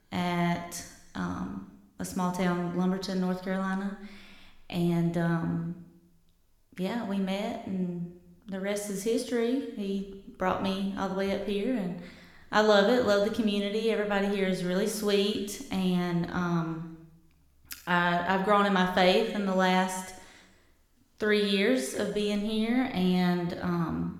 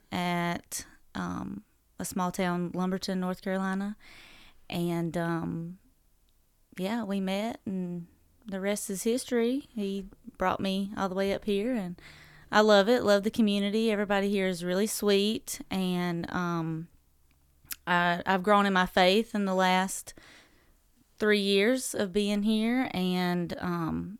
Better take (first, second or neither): second